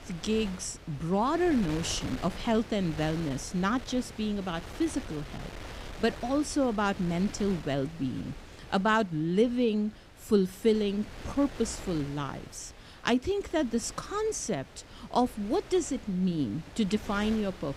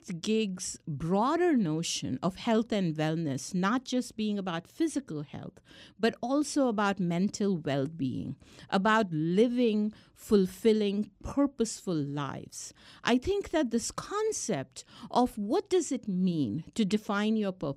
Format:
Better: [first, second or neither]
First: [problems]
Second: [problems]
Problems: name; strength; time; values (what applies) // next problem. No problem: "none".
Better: second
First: wind noise on the microphone; occasional gusts; 15 dB below the speech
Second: none